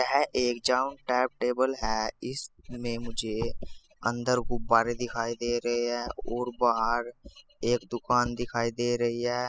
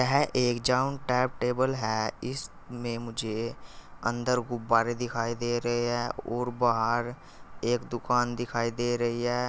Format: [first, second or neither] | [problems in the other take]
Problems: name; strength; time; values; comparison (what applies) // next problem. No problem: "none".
second | noise reduction (classical method spectral subtraction)